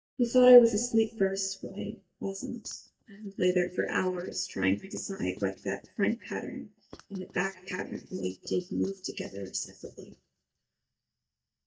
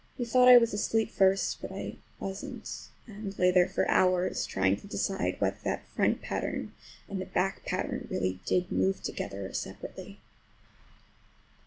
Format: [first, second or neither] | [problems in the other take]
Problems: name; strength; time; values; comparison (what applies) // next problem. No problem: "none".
second | noise reduction (neural mask model DeepFilterNet 3)